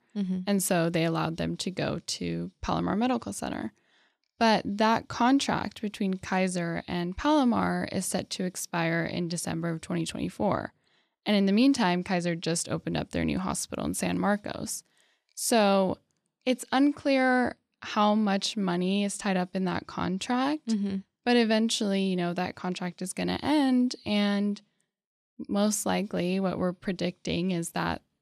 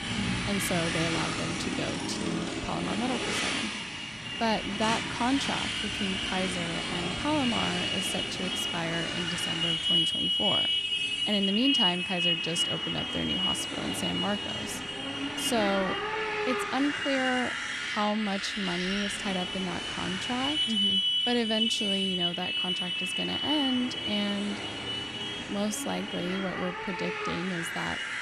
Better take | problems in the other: first | traffic noise; very loud; throughout; 4 dB above the speech

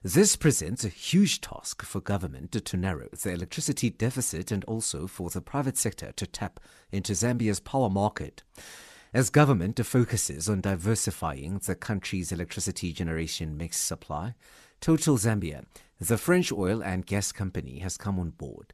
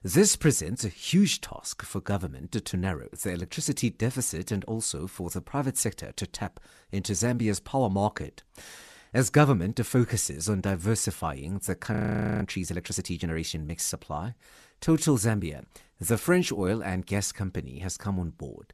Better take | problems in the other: first | audio freezing; at 12 s

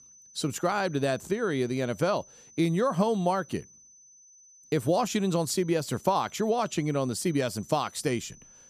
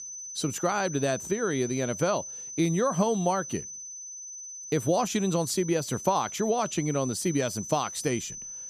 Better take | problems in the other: first | high-pitched whine; loud; throughout; 6 kHz, 9 dB below the speech; faint in the first

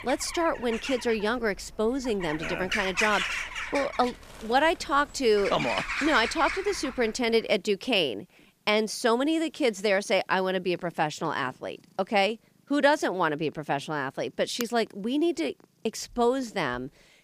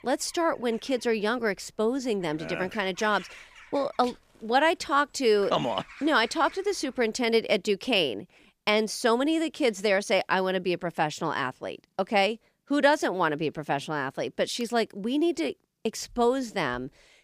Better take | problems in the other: second | animal sounds; loud; throughout; 6 dB below the speech; faint in the second

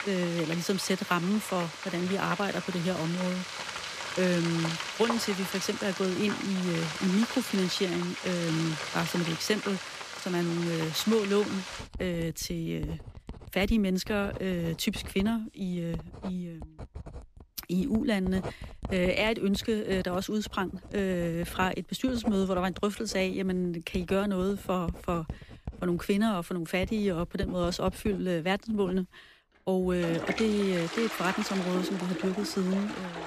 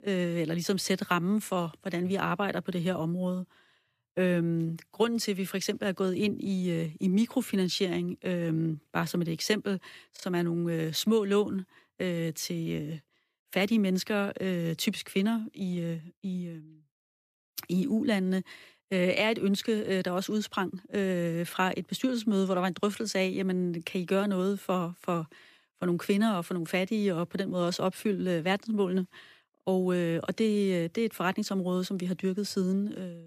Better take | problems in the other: second | household noises; loud; throughout; 8 dB below the speech

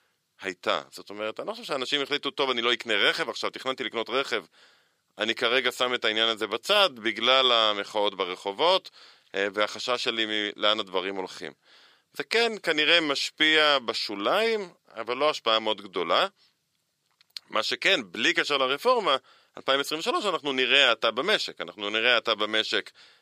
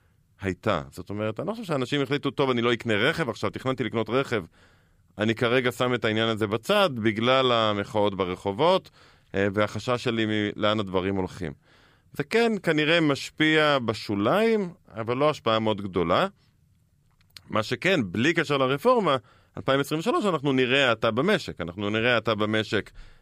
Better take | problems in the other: second | thin; somewhat; fading below 400 Hz

